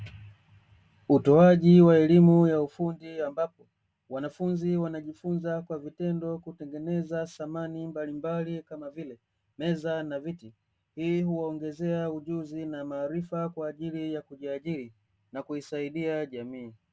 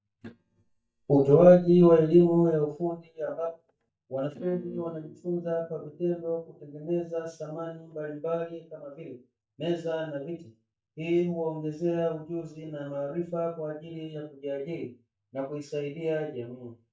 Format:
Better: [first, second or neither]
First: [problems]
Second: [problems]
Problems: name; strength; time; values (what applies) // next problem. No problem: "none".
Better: first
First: none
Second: noise reduction (neural mask model DeepFilterNet 3)